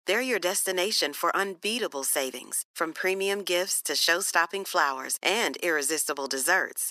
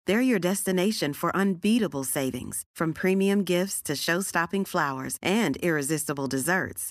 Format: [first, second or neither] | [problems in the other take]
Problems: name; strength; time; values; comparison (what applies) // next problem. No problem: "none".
second | thin; very; fading below 450 Hz